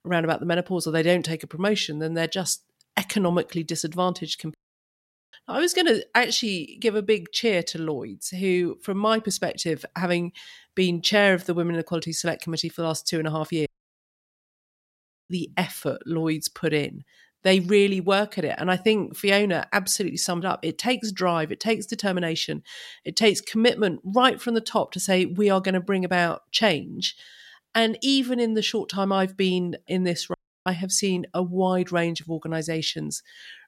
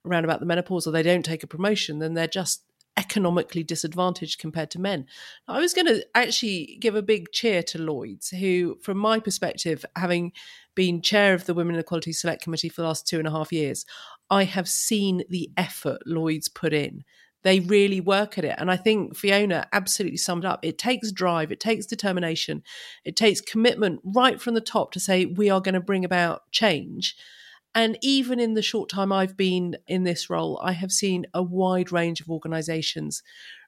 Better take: second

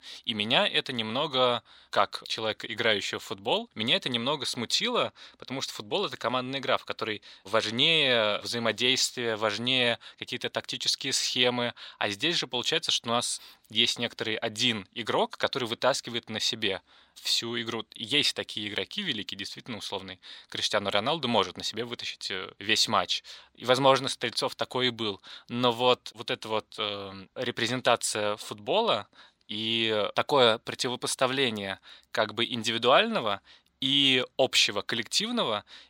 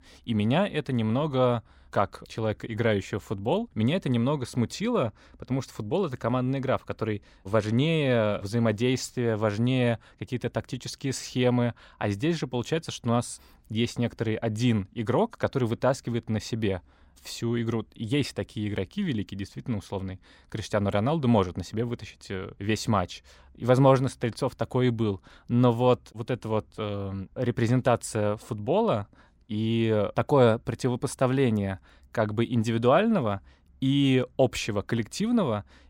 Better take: second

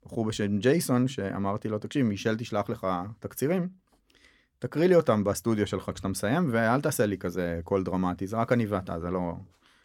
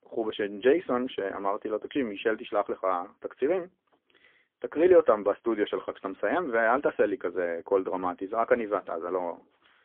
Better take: first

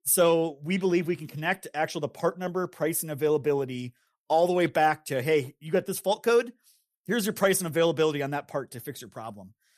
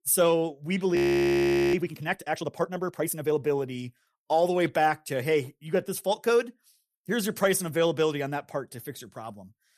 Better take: first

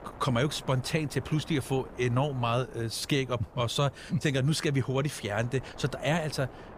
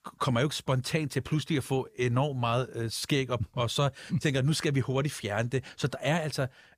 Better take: second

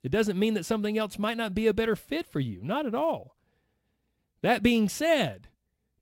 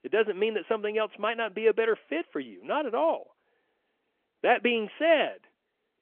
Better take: first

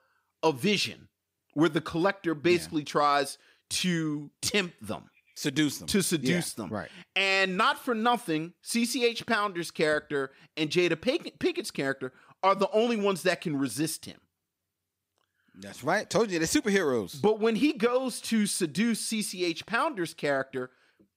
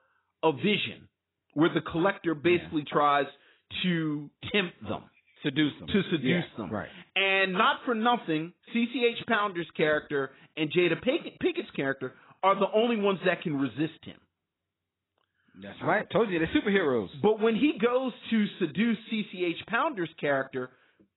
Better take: first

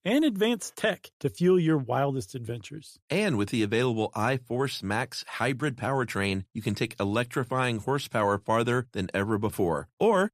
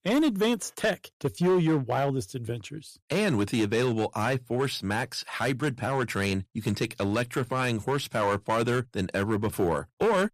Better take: first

